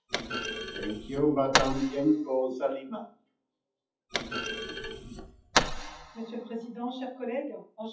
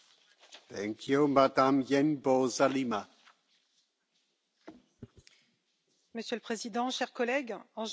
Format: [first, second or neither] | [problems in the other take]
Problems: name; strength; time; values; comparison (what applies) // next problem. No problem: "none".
second | noise reduction (classical method WPE with log-MMSE)